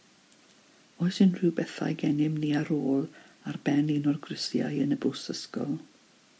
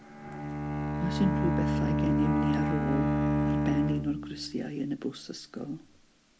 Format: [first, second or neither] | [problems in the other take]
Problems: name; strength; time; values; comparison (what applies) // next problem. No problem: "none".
first | background sound (Bowed string instrument); 5 dB above the speech